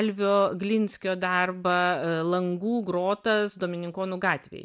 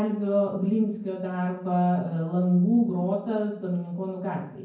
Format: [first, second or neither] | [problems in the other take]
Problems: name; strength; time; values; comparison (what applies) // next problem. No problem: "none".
first | room echo; dies away in 0.9 s